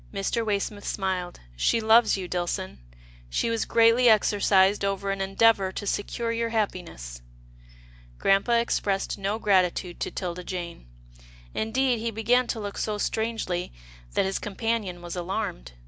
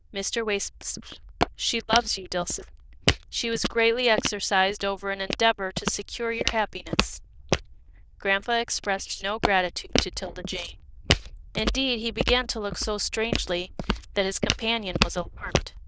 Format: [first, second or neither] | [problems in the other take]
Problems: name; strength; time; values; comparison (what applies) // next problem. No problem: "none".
first | noise reduction (neural diffusion model UNIVERSE++)